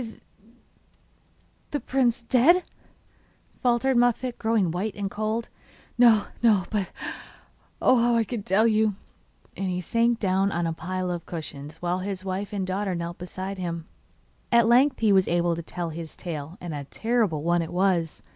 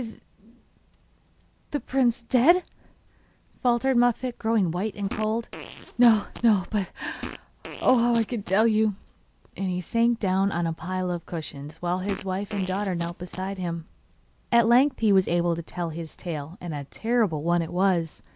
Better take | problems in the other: first | background sound (Fart); 15 dB below the speech

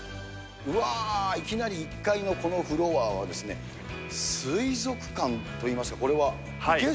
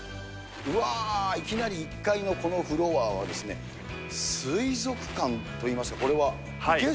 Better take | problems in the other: first | background sound (Rattle); 19 dB below the speech

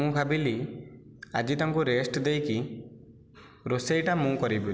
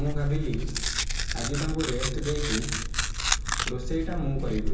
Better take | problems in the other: first | background sound (Tearing); 3 dB above the speech // room echo; dies away in 0.7 s

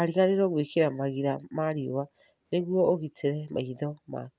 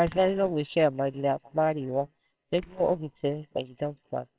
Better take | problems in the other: first | noise reduction (neural separator model SepFormer WHAMR!)

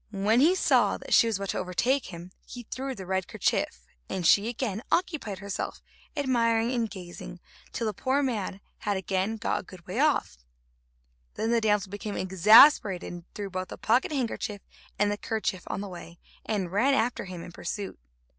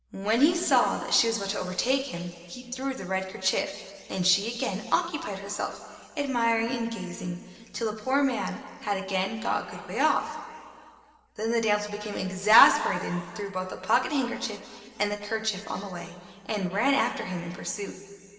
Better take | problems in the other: first | room echo; dies away in 2.3 s

